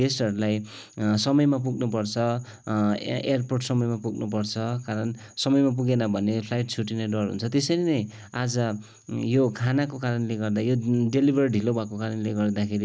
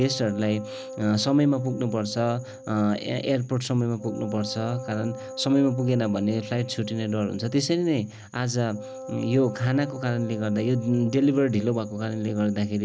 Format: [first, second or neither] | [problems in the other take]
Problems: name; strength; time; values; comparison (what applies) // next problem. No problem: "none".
first | background sound (Wind instrument, woodwind instrument); 15 dB below the speech